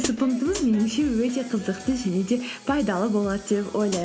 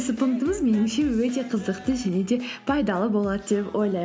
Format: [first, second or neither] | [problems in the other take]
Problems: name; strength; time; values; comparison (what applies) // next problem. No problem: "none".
second | background sound (Hi-hat); 14 dB below the speech